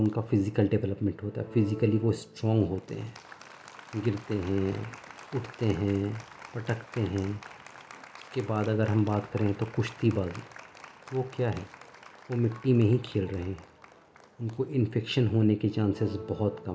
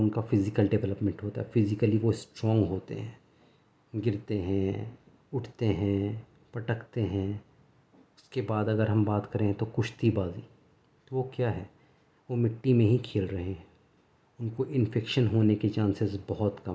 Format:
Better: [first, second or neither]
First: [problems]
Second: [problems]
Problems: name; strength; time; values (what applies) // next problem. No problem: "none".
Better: second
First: background sound (Applause); 18 dB below the speech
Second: none